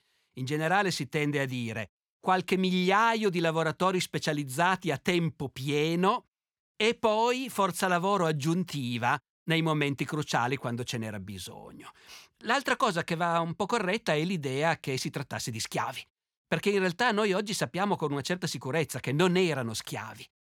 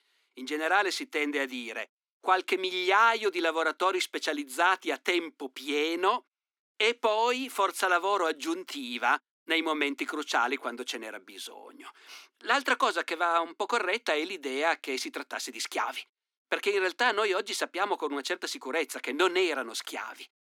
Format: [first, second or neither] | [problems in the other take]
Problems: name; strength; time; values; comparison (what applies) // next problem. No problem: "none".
first | thin; somewhat; fading below 250 Hz